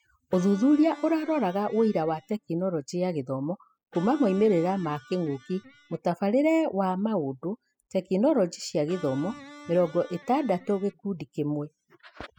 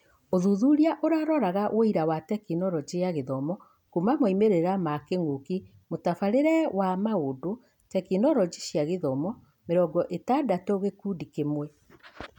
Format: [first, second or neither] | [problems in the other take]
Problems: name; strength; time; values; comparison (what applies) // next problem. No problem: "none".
second | noise reduction (classical method spectral subtraction)